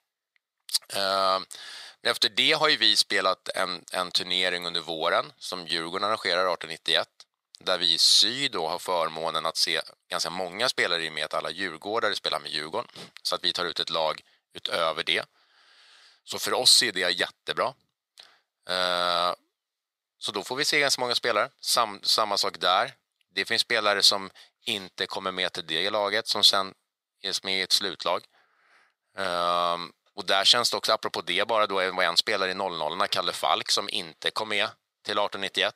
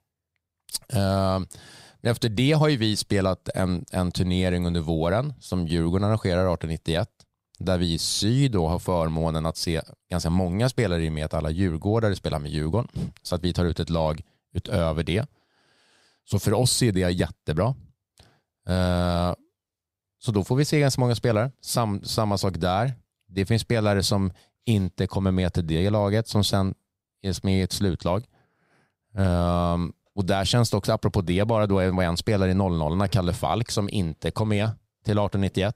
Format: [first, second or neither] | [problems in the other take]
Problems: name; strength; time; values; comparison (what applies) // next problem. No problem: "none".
second | thin; very; fading below 600 Hz